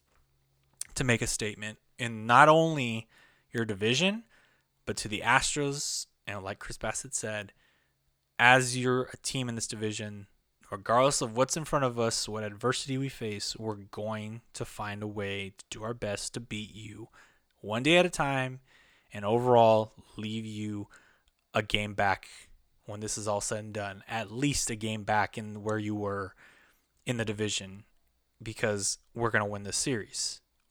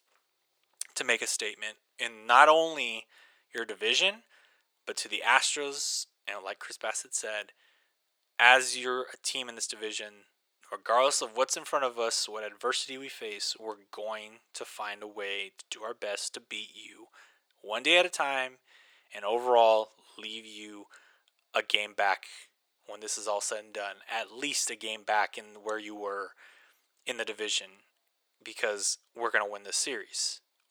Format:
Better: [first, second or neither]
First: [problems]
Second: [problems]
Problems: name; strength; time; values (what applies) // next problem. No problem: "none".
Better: first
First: none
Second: thin; very; fading below 450 Hz